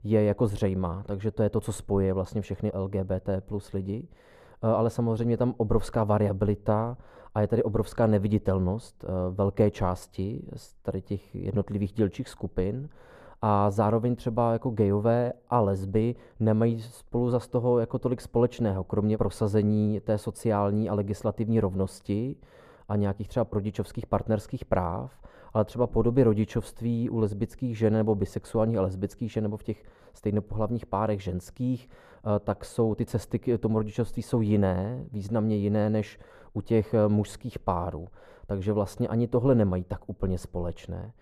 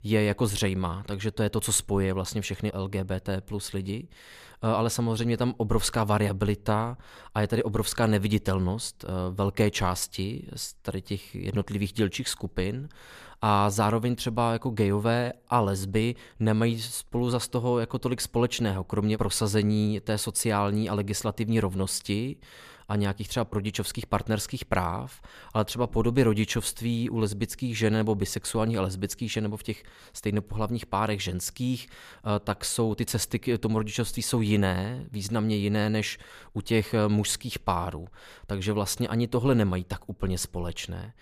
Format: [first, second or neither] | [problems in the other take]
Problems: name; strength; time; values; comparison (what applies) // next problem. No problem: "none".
second | muffled; very; fading above 1.5 kHz